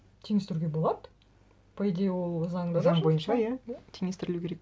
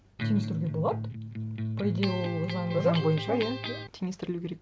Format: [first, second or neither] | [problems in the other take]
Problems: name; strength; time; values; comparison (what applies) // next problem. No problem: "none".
first | background sound (Electric guitar); 4 dB below the speech